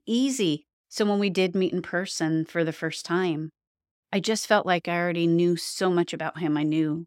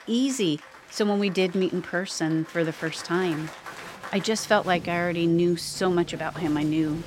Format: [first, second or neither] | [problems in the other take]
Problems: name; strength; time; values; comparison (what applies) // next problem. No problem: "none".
first | crowd noise; noticeable; throughout; 15 dB below the speech